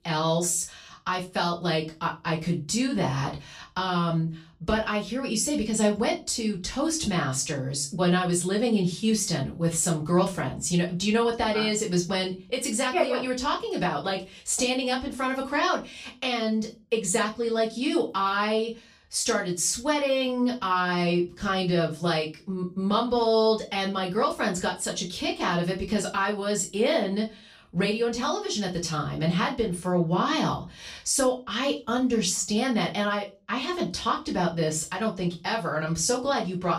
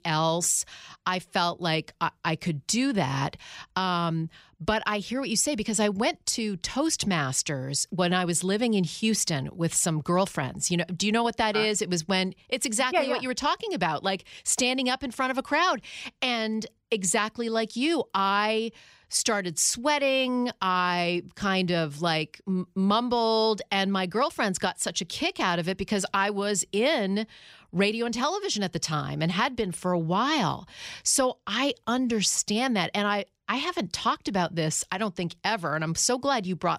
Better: second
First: off-mic speech; far // room echo; very slight; dies away in 0.2 s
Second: none

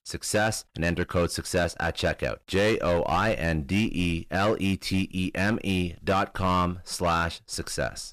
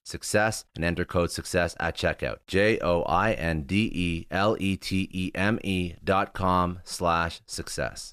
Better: second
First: distortion; slight; 7% of the sound clipped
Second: none

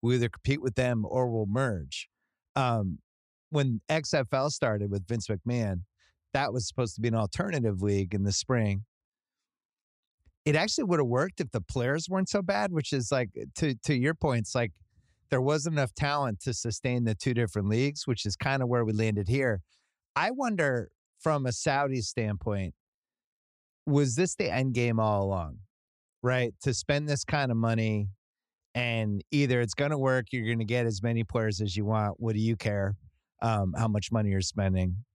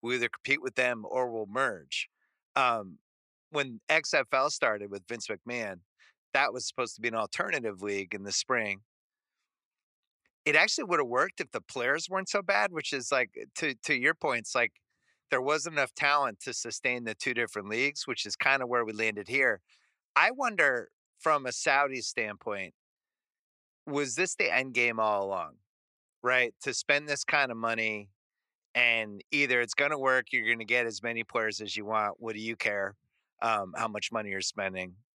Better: first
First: none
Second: thin; very; fading below 400 Hz

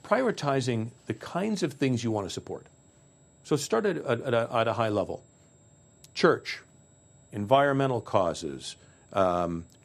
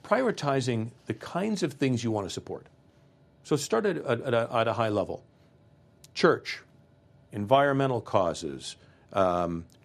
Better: second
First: high-pitched whine; faint; throughout; 7.5 kHz, 35 dB below the speech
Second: none

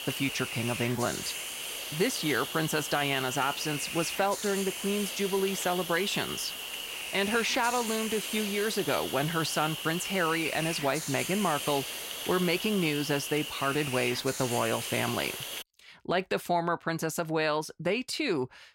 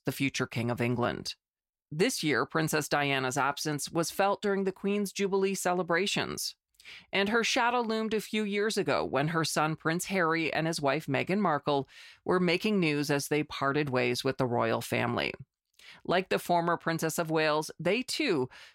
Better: second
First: hiss; loud; until 16 s; 5 dB below the speech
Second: none

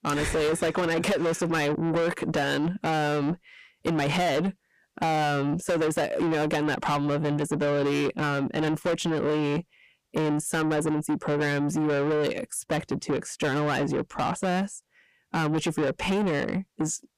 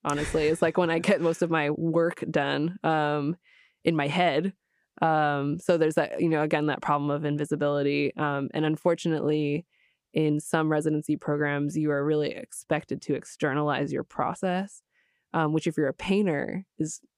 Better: second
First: distortion; heavy; 7 dB below the speech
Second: none

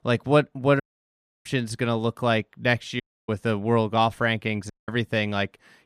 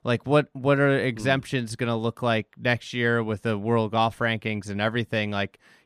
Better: second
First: audio cutting out; at 1 s for 0.5 s, at 3 s and at 4.5 s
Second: none

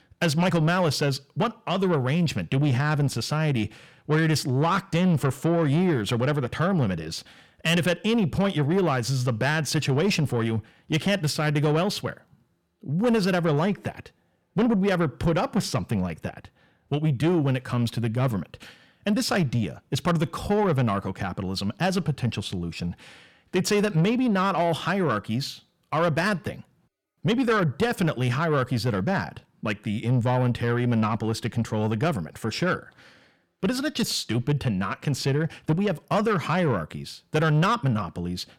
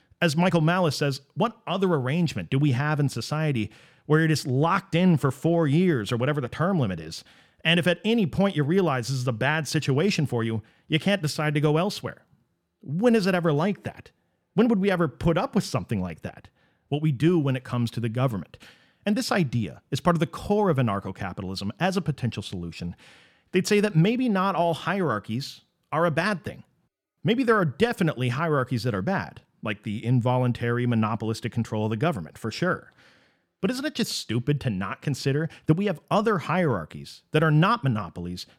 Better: second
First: distortion; slight; 10 dB below the speech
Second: none

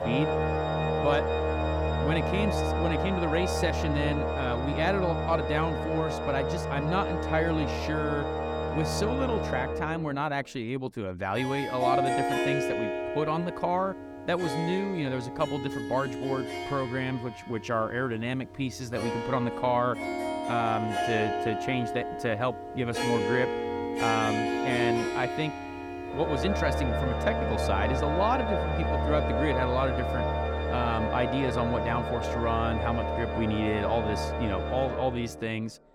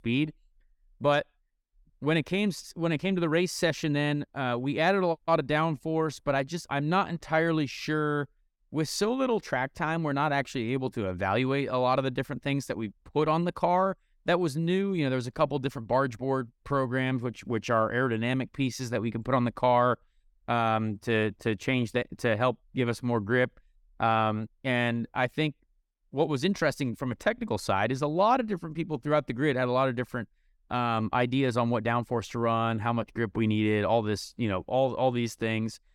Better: second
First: background music; very loud; throughout; as loud as the speech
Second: none

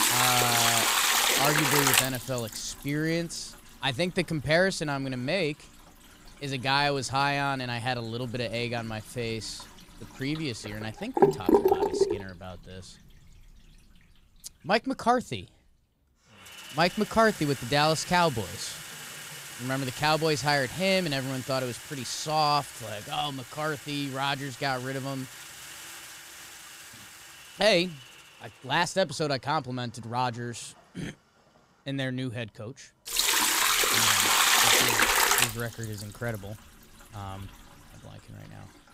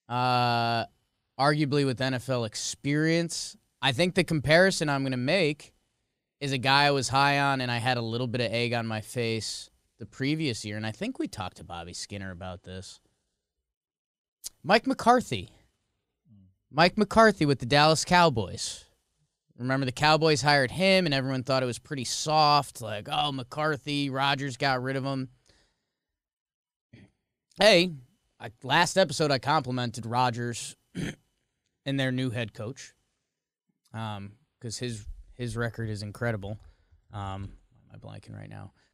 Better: second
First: household noises; very loud; throughout; 4 dB above the speech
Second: none

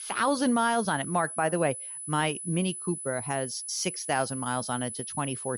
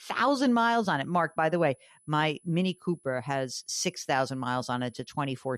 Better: second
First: high-pitched whine; loud; throughout; 10 kHz, 7 dB below the speech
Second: high-pitched whine; faint; throughout; 10 kHz, 30 dB below the speech

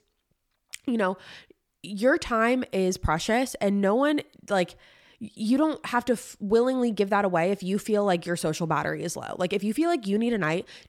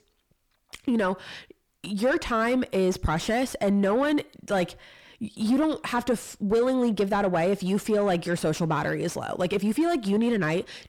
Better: first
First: none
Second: distortion; slight; 10 dB below the speech

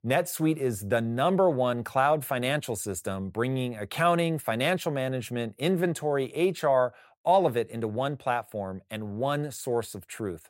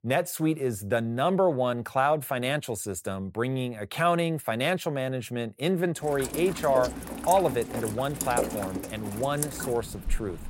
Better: first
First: none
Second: rain or running water; loud; from 6 s on; 6 dB below the speech

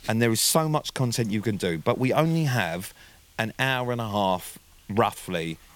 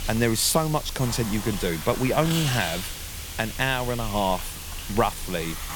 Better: first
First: hiss; faint; throughout; 30 dB below the speech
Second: hiss; loud; throughout; 8 dB below the speech

